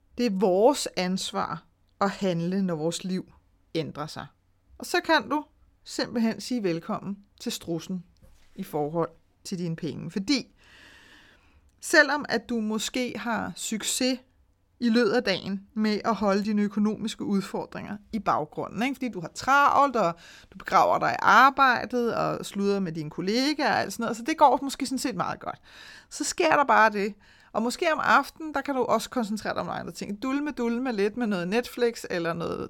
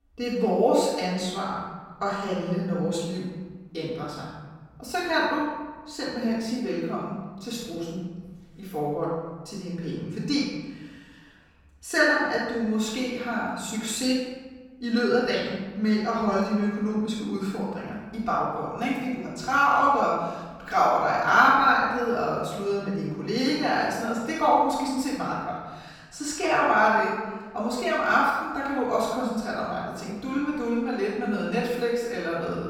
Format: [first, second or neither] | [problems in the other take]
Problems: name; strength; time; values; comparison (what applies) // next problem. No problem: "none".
first | off-mic speech; far // room echo; noticeable; dies away in 1.2 s